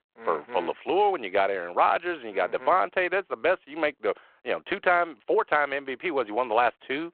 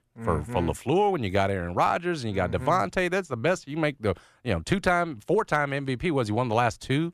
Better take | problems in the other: second | phone-call audio

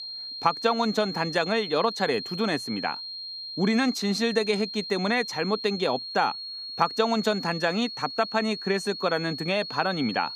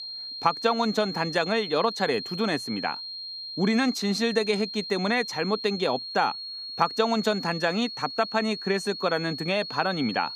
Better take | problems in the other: neither | high-pitched whine; loud; throughout; 4 kHz, 8 dB below the speech; the same in both

